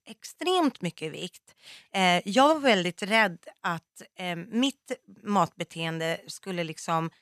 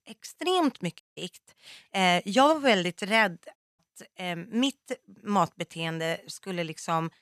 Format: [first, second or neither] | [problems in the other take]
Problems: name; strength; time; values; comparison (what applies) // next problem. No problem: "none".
first | audio cutting out; at 1 s and at 3.5 s